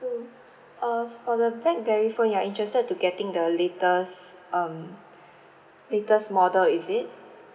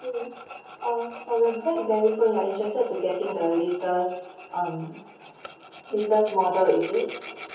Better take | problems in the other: first | background sound (Tools); 18 dB below the speech // room echo; dies away in 0.6 s

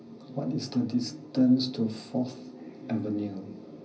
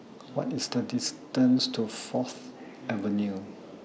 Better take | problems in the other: second | room echo; dies away in 0.4 s

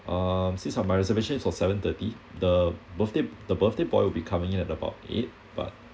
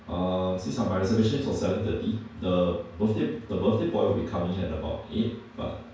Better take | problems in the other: first | room echo; dies away in 0.5 s

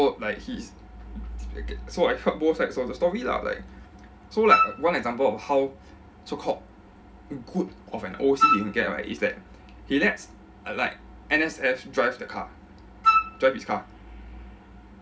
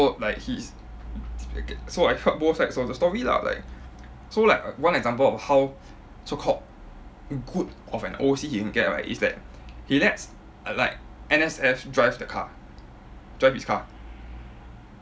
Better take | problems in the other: second | background sound (Wind instrument, woodwind instrument); 4 dB above the speech // room echo; dies away in 0.3 s

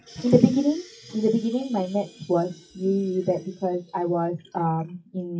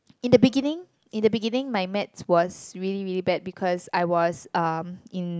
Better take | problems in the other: second | noise reduction (classical method WPE with log-MMSE)

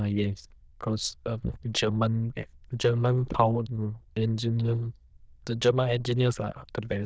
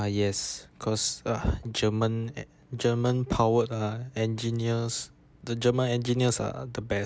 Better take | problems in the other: second | noise reduction (neural diffusion model UNIVERSE++)

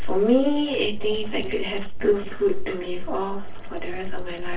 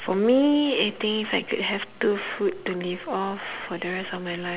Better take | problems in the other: second | noise reduction (neural separator model SepFormer DNS4)

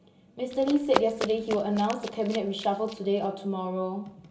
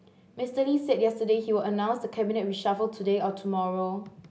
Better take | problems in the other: second | background sound (Run); 8 dB below the speech // room echo; dies away in 1.2 s

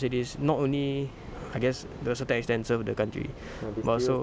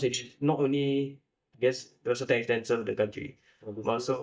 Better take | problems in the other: first | noise reduction (neural mask model DeepFilterNet 3)

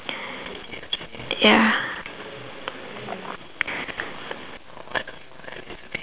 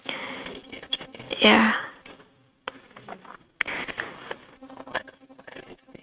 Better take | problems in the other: first | noise reduction (neural mask model RNNoise)

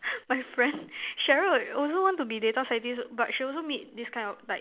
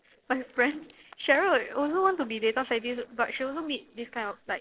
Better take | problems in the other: first | noise reduction (neural separator model SepFormer DNS4)

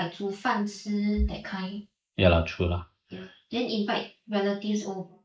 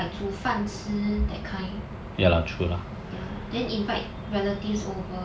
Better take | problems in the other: second | noise reduction (neural mask model Resemble Enhance denoiser)

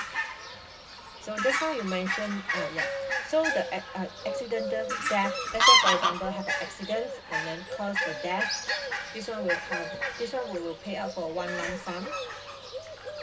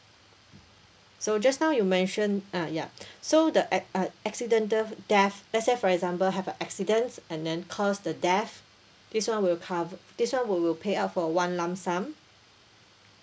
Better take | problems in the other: second | background sound (Fowl); 3 dB above the speech // room echo; dies away in 0.4 s

